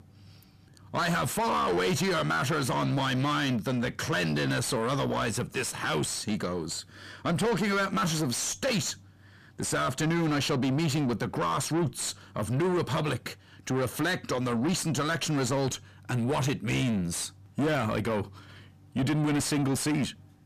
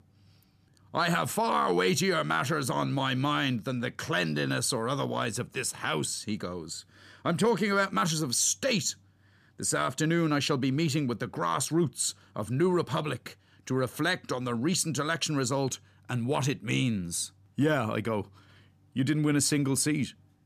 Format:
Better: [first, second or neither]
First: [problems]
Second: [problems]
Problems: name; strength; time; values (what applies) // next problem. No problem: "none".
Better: second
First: distortion; heavy; 8 dB below the speech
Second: none